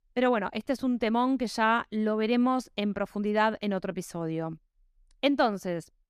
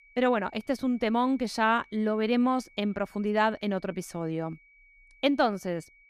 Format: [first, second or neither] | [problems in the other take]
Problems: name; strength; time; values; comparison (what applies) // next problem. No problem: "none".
first | high-pitched whine; faint; throughout; 2.5 kHz, 30 dB below the speech